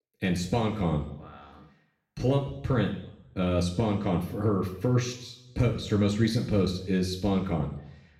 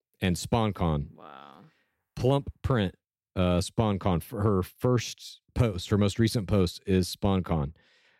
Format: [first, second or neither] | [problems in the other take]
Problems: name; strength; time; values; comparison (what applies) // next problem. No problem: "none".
second | room echo; slight; dies away in 0.8 s // off-mic speech; somewhat distant